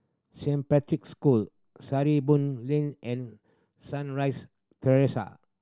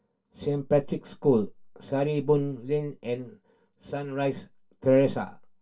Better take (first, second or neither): first